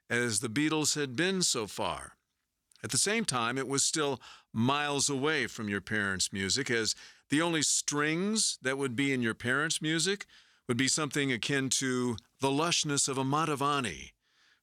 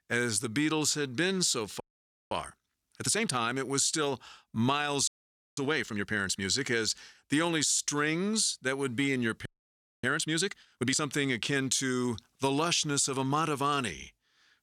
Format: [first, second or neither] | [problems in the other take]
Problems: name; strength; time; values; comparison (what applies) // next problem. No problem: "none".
first | audio freezing; at 2 s for 0.5 s, at 5 s and at 9.5 s for 0.5 s